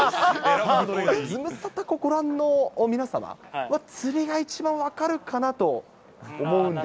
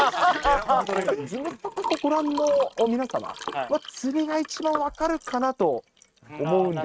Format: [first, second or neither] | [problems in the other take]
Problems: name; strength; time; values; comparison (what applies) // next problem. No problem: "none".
first | noise reduction (neural mask model RNNoise)